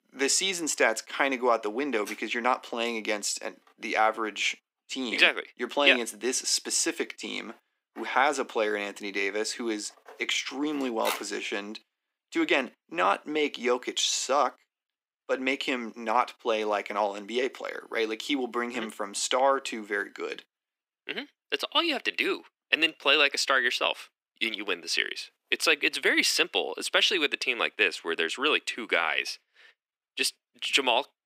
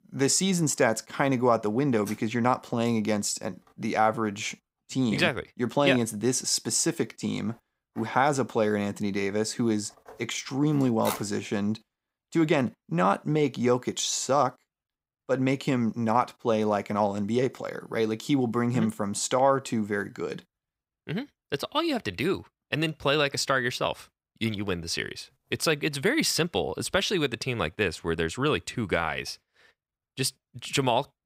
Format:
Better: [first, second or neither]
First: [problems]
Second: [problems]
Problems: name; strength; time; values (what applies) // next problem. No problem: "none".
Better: second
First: thin; somewhat; fading below 300 Hz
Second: none